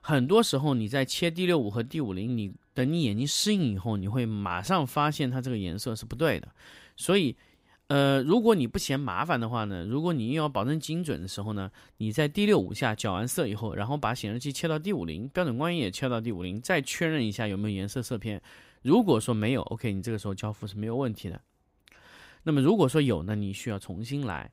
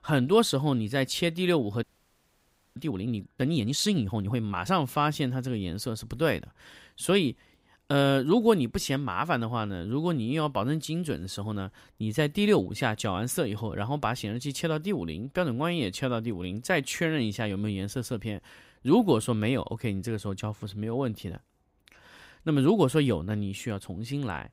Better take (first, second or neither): first